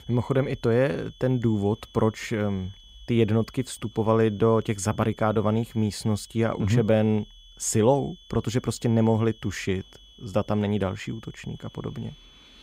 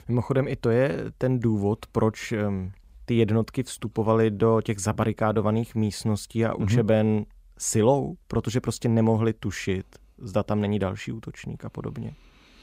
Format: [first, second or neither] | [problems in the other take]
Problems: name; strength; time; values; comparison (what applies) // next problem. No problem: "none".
second | high-pitched whine; faint; throughout; 3.5 kHz, 25 dB below the speech